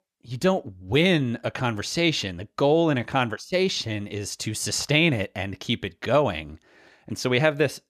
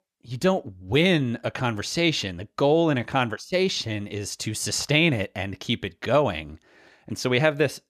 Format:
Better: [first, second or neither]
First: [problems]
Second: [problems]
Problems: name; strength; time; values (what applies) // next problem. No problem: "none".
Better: neither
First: none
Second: none